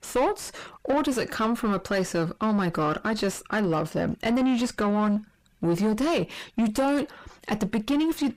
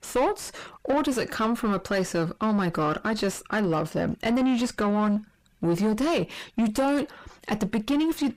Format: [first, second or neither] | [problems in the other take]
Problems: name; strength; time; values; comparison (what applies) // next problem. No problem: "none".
neither | distortion; heavy; 6 dB below the speech; the same in both